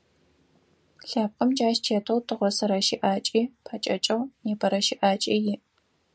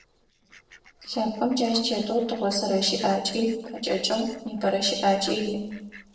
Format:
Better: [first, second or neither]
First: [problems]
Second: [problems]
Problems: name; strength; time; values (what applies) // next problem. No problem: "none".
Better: first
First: none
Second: noise reduction (neural separator model SepFormer DNS4)